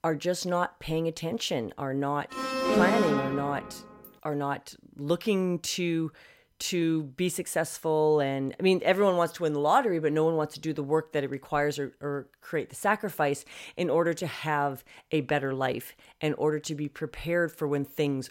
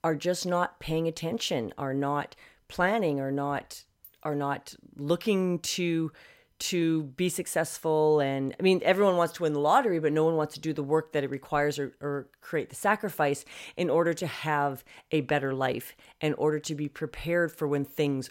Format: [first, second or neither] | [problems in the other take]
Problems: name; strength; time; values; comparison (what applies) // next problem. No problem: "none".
second | alarm; loud; from 2.5 to 3.5 s; peak 4 dB above the speech